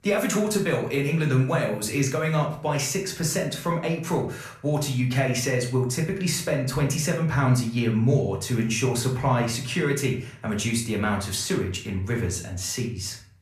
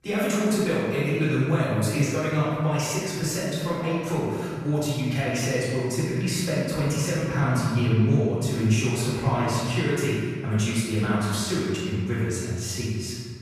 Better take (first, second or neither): first